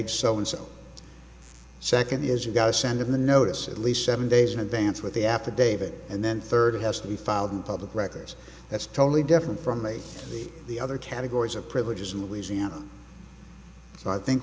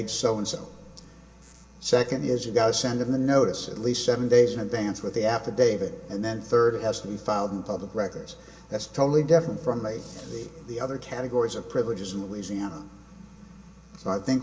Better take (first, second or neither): first